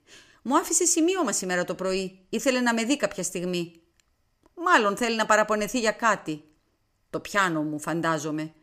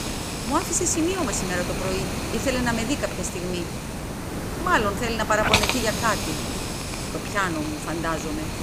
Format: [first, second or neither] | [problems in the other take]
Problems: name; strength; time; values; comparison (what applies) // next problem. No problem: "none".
first | hiss; loud; throughout; 2 dB below the speech